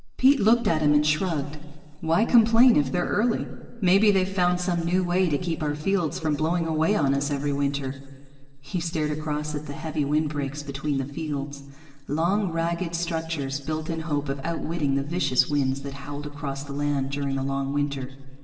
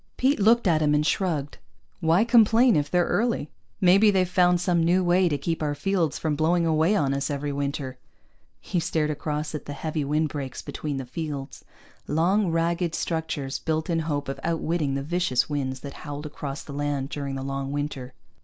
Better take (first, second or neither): second